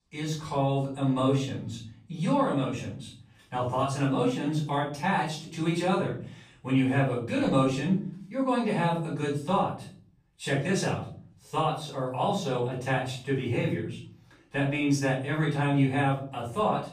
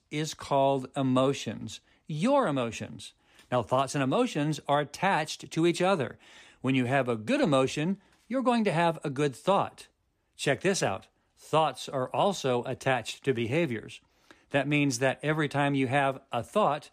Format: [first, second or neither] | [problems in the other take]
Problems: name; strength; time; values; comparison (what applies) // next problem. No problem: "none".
second | room echo; noticeable; dies away in 0.6 s // off-mic speech; far